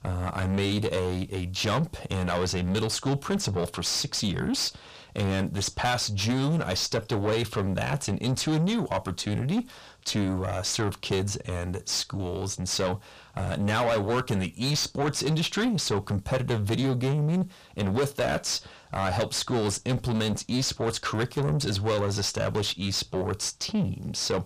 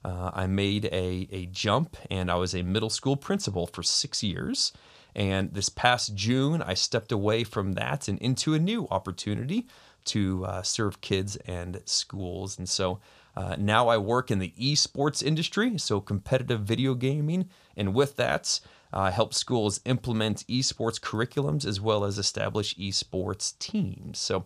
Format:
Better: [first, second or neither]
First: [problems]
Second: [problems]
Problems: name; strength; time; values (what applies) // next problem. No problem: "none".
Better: second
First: distortion; heavy; 6 dB below the speech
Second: none